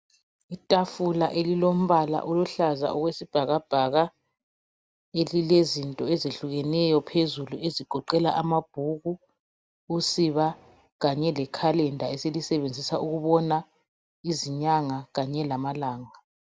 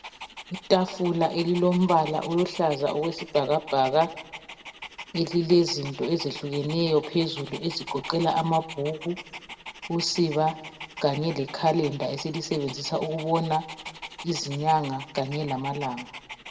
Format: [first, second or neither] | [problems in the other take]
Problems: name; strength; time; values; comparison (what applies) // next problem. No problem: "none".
first | background sound (Dog); 15 dB below the speech // room echo; dies away in 1 s